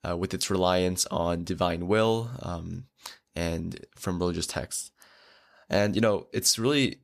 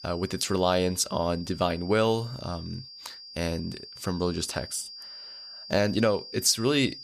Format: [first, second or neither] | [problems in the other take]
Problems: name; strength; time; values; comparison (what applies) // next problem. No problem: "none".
first | high-pitched whine; noticeable; throughout; 5 kHz, 15 dB below the speech